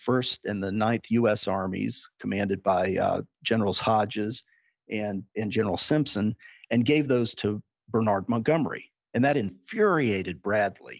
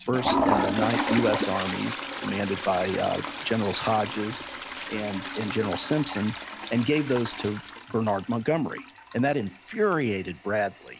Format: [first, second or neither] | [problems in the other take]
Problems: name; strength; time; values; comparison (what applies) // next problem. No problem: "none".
first | background sound (Toilet flush); 4 dB below the speech